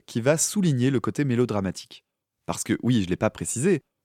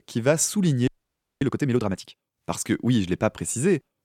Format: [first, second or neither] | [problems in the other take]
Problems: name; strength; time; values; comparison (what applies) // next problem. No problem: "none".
first | audio freezing; at 1 s for 0.5 s